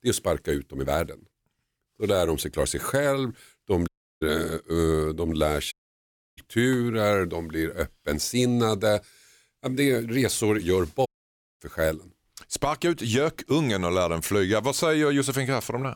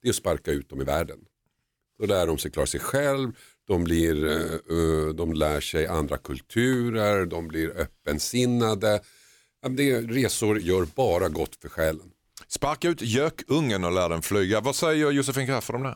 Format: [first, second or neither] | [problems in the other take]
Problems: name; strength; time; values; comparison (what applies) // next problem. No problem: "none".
second | audio cutting out; at 4 s, at 5.5 s for 0.5 s and at 11 s for 0.5 s